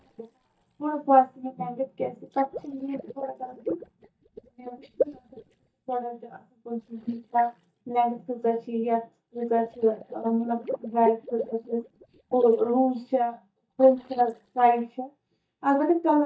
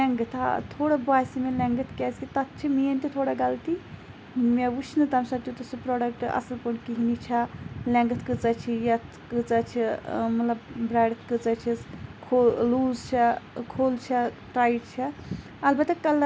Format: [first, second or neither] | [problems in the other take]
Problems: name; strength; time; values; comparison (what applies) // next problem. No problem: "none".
second | noise reduction (neural mask model DeepFilterNet 3)